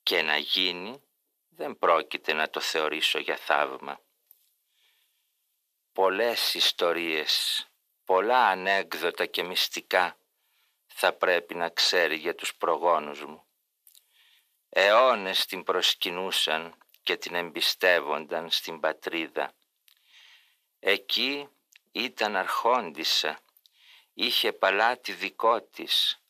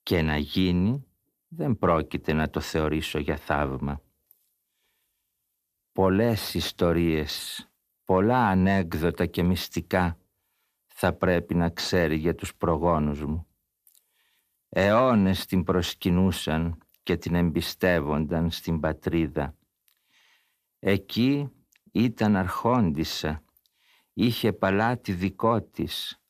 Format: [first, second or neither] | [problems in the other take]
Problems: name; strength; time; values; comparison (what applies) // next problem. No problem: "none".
second | thin; very; fading below 500 Hz